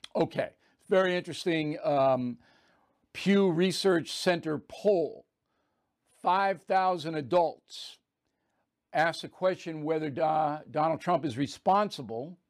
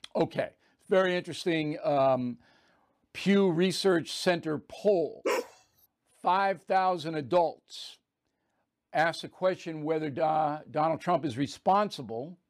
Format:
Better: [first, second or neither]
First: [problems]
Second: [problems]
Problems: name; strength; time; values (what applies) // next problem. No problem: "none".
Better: first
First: none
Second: dog barking; noticeable; at 5.5 s; peak 3 dB below the speech